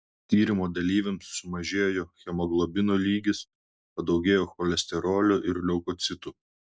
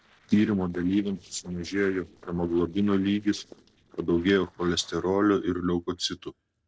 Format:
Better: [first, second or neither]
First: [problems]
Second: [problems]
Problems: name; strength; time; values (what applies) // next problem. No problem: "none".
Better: first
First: none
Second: noise reduction (neural separator model SepFormer DNS4)